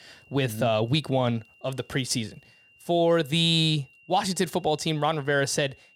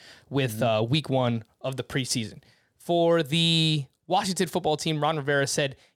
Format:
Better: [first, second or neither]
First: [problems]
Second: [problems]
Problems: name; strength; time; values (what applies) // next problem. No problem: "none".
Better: second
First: high-pitched whine; faint; throughout; 3 kHz, 30 dB below the speech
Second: none